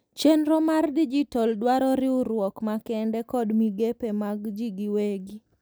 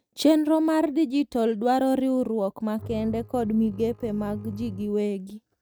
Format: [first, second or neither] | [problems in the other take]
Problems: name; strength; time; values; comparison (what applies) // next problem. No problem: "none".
first | noise reduction (neural mask model RNNoise)